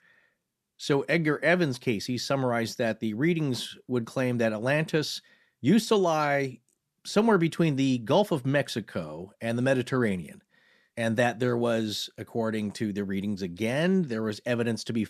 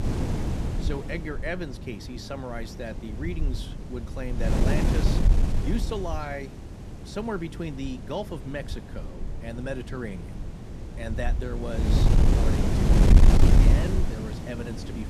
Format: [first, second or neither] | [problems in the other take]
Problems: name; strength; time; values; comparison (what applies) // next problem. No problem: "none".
first | wind noise on the microphone; heavy; 1 dB above the speech